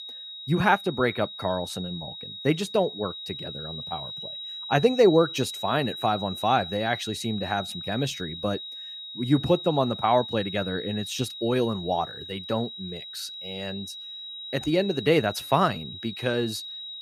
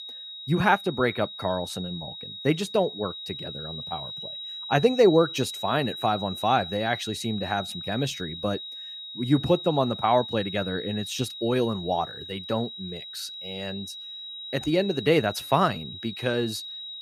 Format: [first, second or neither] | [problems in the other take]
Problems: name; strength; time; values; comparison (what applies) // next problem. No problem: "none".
neither | high-pitched whine; loud; throughout; 4 kHz, 9 dB below the speech; the same in both